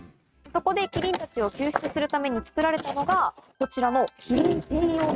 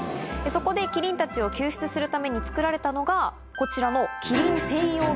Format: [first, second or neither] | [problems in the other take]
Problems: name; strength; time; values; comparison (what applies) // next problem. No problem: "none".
second | noise reduction (neural mask model RNNoise)